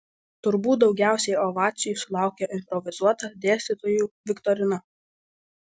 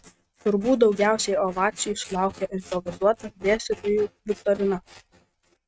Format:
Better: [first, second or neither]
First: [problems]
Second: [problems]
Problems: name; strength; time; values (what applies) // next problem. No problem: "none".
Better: first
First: none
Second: noise reduction (neural mask model RNNoise)